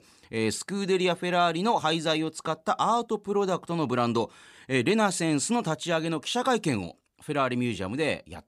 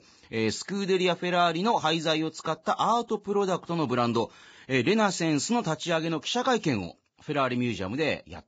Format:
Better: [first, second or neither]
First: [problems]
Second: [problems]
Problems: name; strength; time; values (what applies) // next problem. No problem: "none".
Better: first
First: none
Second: garbled, watery; badly; nothing above 7.5 kHz